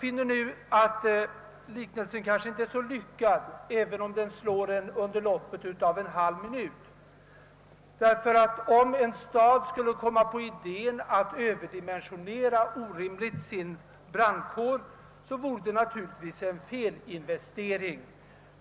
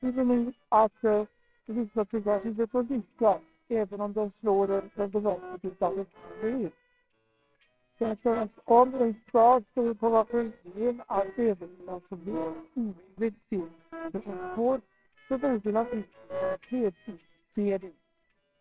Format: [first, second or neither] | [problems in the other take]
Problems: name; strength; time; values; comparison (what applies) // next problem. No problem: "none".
first | noise reduction (neural separator model SepFormer WHAMR!)